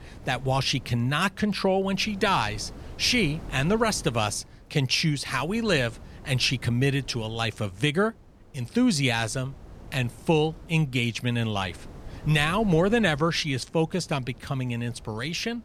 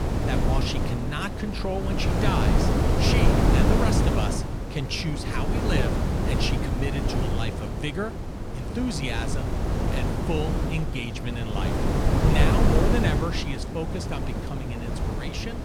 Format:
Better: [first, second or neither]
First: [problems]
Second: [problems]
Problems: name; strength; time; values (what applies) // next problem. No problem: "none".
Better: first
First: wind noise on the microphone; occasional gusts; 25 dB below the speech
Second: wind noise on the microphone; heavy; 1 dB above the speech